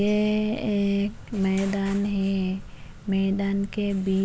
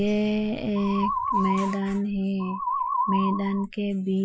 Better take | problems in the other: first | noise reduction (classical method Wiener filter)

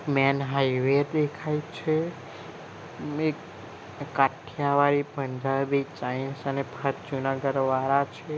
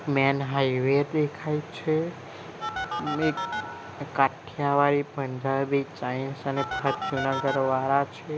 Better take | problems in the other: first | background sound (Telephone); 10 dB below the speech

